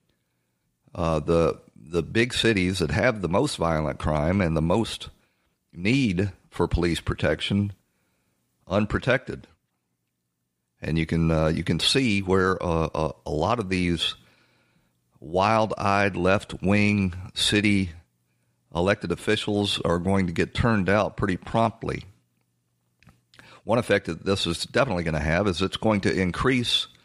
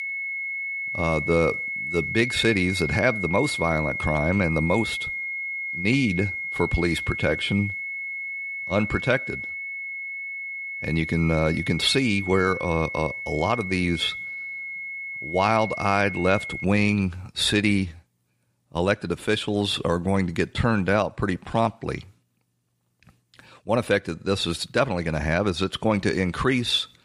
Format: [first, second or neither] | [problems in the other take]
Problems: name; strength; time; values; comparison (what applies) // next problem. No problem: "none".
first | high-pitched whine; loud; until 17 s; 2 kHz, 5 dB below the speech